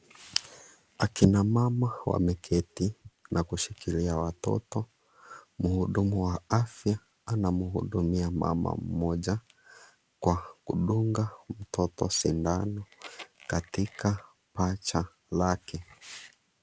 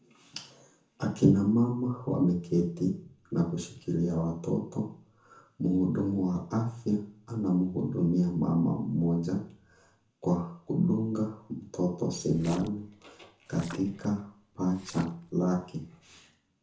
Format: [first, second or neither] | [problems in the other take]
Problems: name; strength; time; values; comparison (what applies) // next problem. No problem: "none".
first | background sound (Splash, splatter); 20 dB below the speech // room echo; dies away in 0.7 s